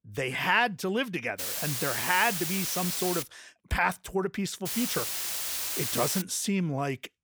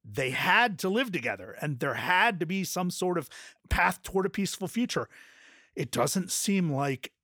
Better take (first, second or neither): second